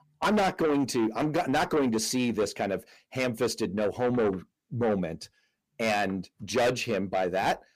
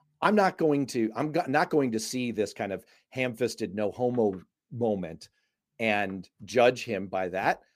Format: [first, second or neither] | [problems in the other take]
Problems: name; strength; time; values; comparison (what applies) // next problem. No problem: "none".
second | distortion; heavy; 6 dB below the speech